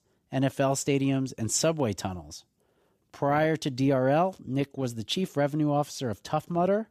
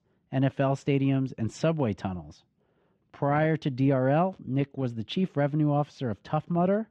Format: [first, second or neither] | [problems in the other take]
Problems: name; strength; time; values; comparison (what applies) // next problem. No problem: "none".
first | muffled; very; fading above 2.5 kHz